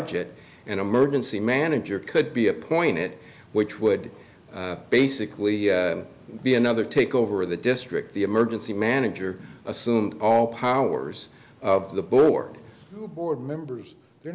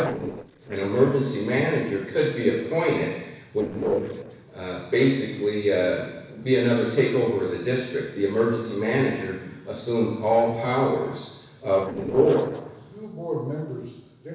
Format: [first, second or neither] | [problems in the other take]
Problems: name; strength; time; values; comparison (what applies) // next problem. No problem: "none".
first | noise reduction (neural separator model SepFormer DNS4)